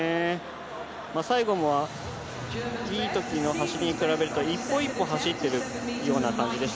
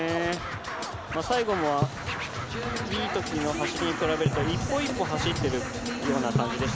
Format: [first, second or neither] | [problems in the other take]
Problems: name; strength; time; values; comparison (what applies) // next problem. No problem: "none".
first | background sound (Hi-hat + Scratching (performance technique)); 4 dB below the speech